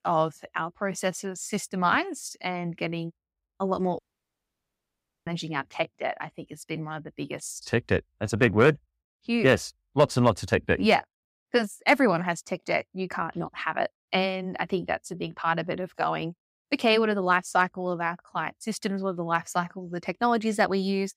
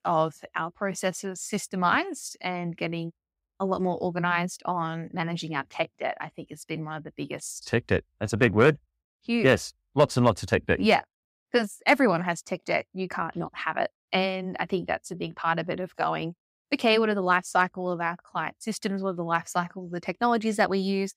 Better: second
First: audio cutting out; at 4 s for 1.5 s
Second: none

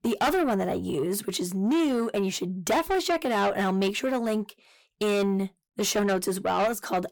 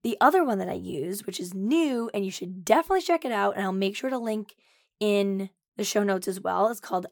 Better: second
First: distortion; heavy; 7 dB below the speech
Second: none

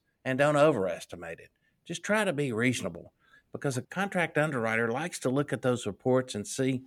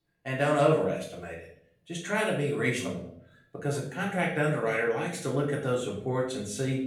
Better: first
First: none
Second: room echo; noticeable; dies away in 0.5 s // off-mic speech; far

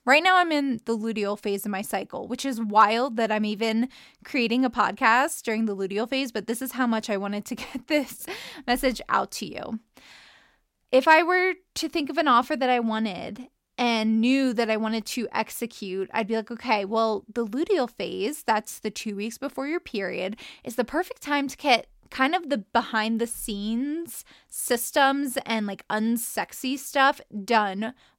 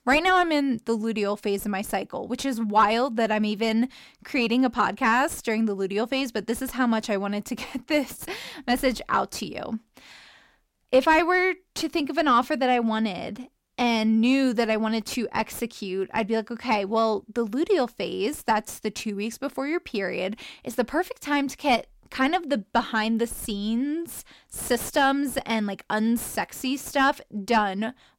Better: first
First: none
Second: distortion; slight; 10 dB below the speech

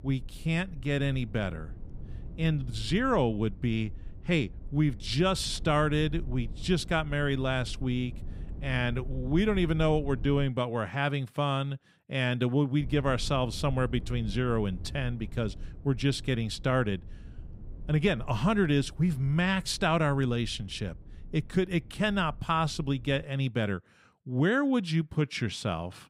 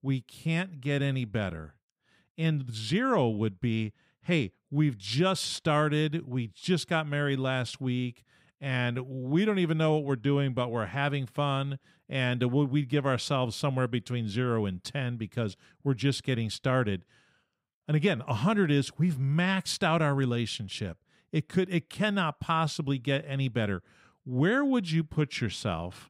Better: second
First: low rumble; faint; until 10 s and from 13 to 23 s; 25 dB below the speech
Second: none

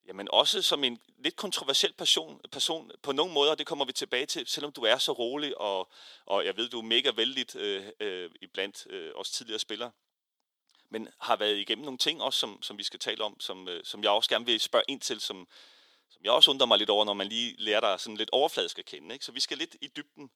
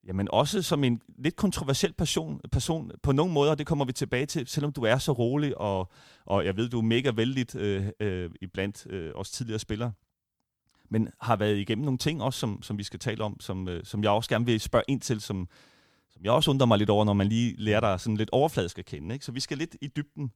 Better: second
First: thin; somewhat; fading below 350 Hz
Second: none

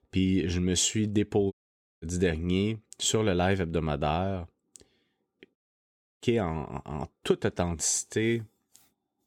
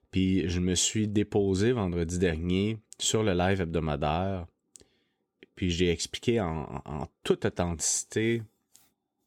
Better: second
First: audio cutting out; at 1.5 s for 0.5 s and at 5.5 s for 0.5 s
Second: none

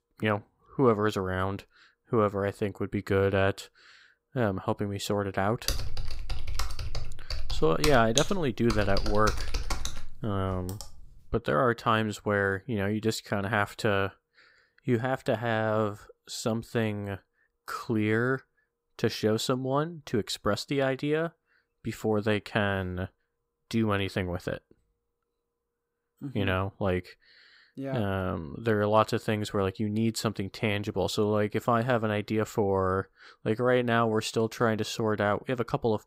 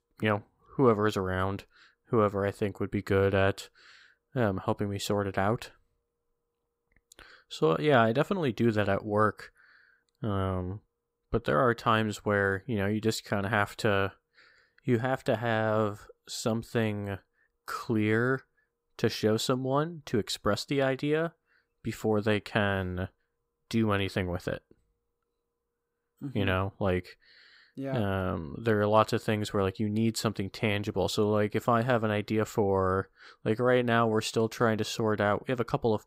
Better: second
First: keyboard typing; noticeable; from 5.5 to 11 s; peak level with the speech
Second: none

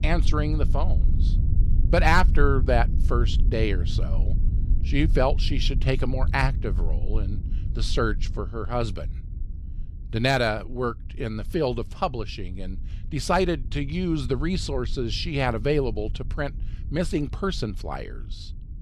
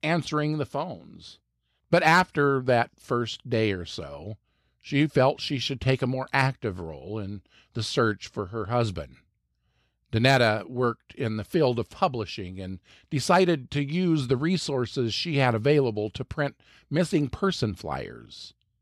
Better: second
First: low rumble; noticeable; throughout; 20 dB below the speech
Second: none

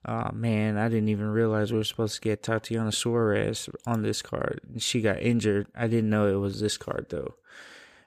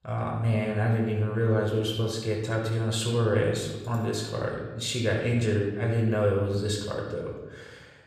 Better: first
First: none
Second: off-mic speech; far // room echo; noticeable; dies away in 1.1 s

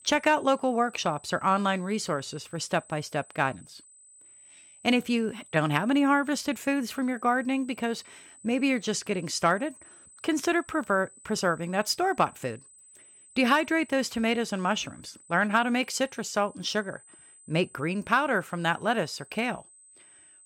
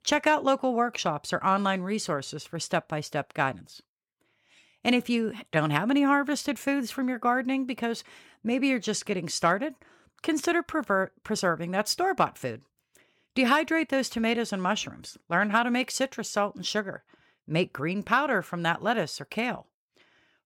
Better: second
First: high-pitched whine; faint; throughout; 8 kHz, 25 dB below the speech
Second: none

